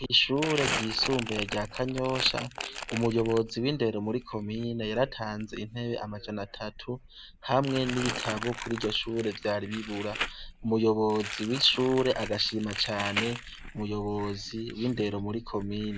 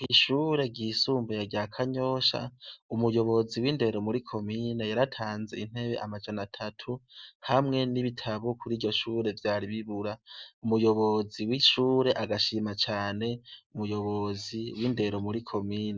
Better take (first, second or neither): second